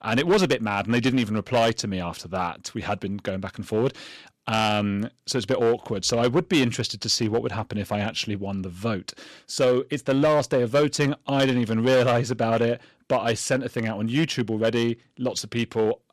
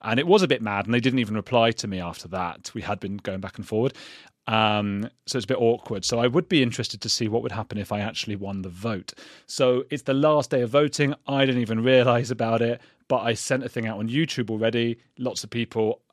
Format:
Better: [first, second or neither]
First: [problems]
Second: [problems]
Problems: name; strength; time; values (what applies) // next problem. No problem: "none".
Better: second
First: distortion; slight; 4% of the sound clipped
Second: none